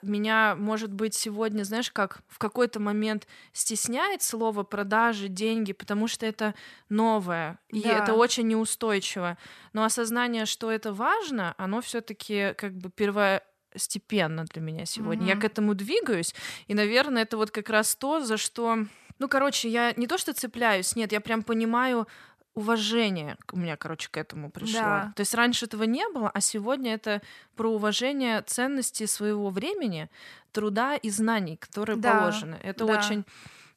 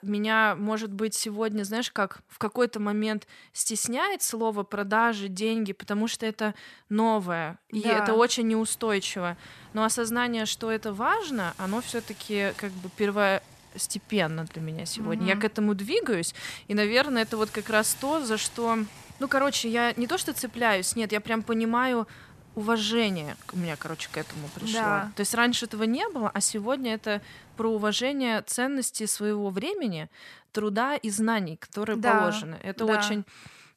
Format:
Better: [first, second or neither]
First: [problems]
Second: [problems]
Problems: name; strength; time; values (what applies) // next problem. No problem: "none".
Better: first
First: none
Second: hiss; faint; from 8.5 to 28 s; 20 dB below the speech